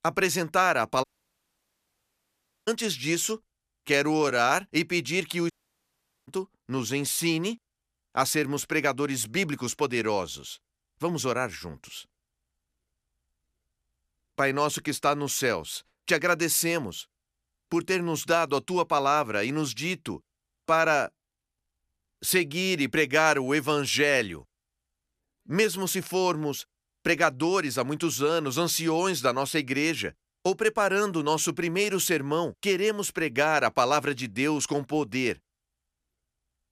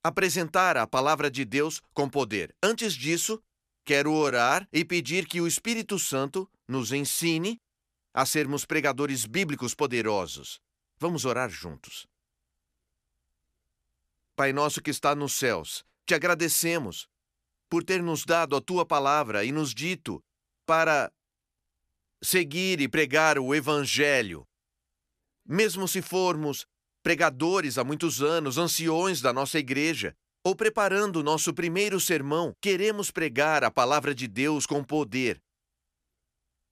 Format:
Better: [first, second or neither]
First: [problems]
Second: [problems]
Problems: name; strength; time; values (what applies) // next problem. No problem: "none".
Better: second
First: audio cutting out; at 1 s for 1.5 s and at 5.5 s for 1 s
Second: none